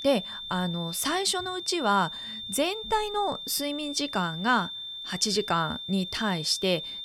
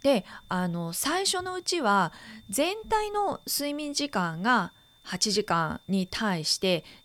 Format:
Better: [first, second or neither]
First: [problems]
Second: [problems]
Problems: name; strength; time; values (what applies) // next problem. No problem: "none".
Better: second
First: high-pitched whine; loud; throughout; 3.5 kHz, 8 dB below the speech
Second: high-pitched whine; faint; throughout; 3.5 kHz, 30 dB below the speech